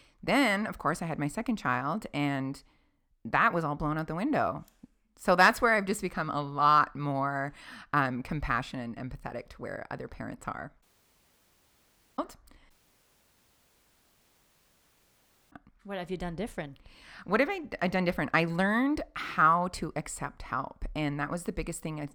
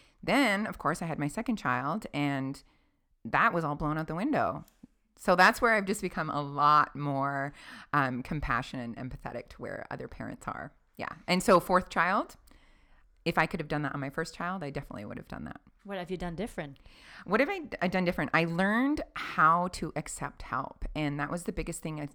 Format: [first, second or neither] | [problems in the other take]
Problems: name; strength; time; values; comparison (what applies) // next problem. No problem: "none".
second | audio cutting out; at 11 s for 1.5 s and at 13 s for 3 s